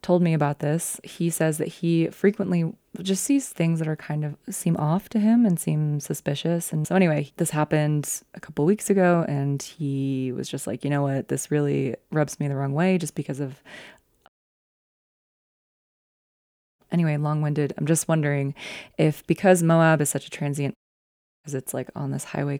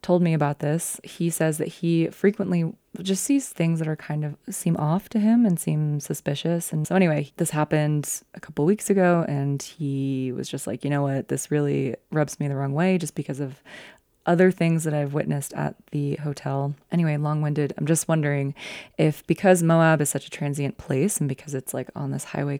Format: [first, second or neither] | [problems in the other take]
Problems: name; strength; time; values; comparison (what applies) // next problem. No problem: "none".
second | audio cutting out; at 14 s for 2.5 s and at 21 s for 0.5 s